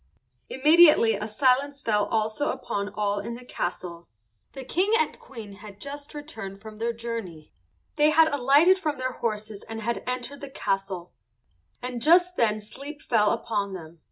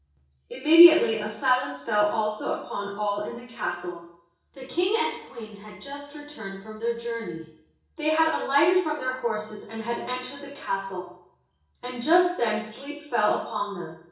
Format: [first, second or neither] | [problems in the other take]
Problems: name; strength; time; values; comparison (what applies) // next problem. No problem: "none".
first | room echo; dies away in 0.6 s